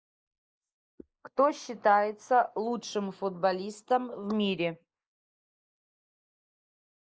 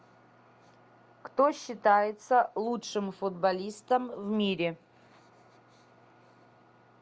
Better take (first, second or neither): second